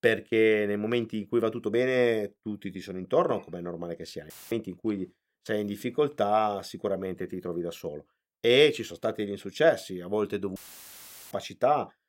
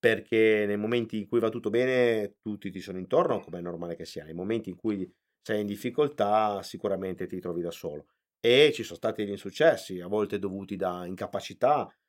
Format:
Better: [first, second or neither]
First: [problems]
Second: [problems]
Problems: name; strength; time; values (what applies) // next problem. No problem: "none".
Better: second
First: audio cutting out; filled with static; at 4.5 s and at 11 s for 1 s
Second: none